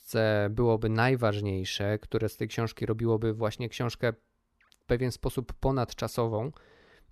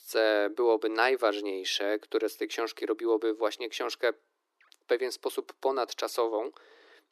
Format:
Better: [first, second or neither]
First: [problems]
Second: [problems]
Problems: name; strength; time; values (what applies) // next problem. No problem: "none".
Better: first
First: none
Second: thin; very; fading below 300 Hz